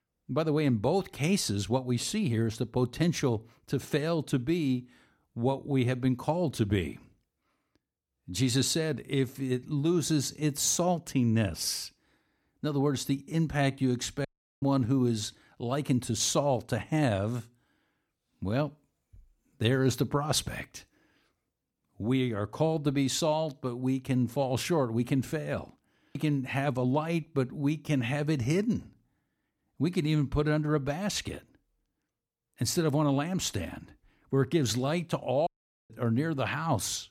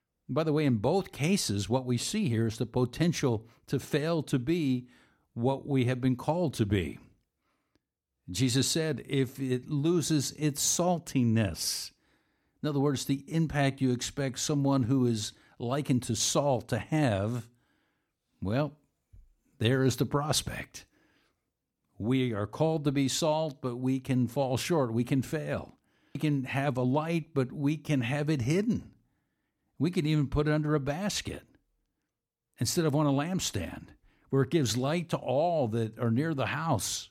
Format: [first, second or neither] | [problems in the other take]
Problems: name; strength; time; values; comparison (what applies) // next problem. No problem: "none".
second | audio cutting out; at 14 s and at 35 s